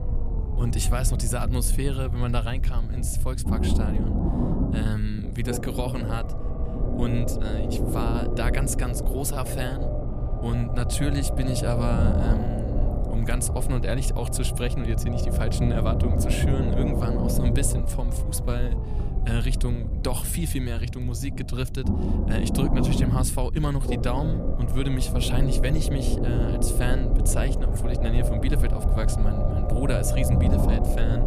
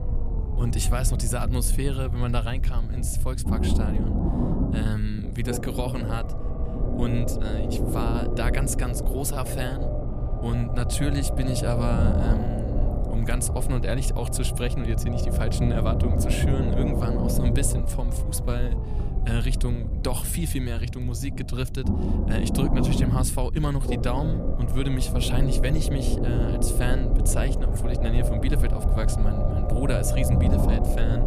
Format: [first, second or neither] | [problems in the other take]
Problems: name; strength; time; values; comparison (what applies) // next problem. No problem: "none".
neither | low rumble; loud; throughout; 2 dB below the speech; the same in both